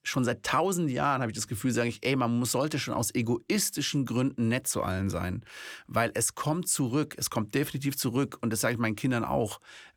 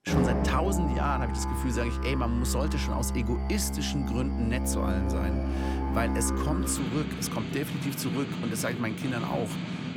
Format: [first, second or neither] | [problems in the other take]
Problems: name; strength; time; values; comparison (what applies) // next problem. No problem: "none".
first | background music; very loud; throughout; 1 dB above the speech